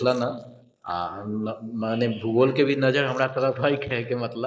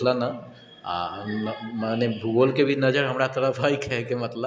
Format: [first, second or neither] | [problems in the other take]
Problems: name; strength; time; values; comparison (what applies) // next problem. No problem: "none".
second | noise reduction (neural mask model Resemble Enhance denoiser)